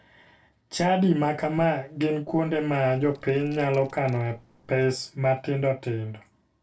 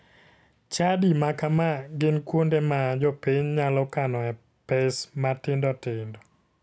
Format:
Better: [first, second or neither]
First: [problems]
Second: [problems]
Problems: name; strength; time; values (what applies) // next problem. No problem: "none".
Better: second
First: noise reduction (neural separator model SepFormer DNS4)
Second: none